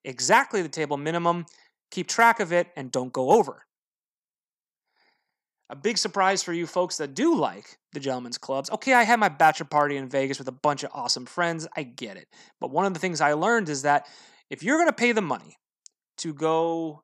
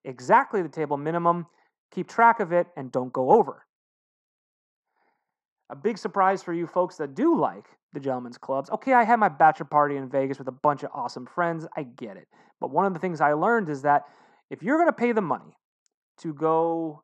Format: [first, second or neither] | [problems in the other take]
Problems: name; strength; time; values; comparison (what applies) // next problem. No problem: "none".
first | muffled; very; fading above 2 kHz